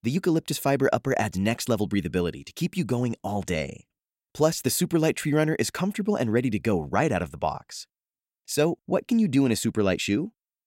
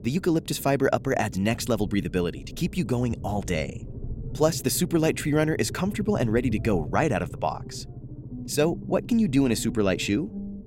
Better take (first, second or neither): first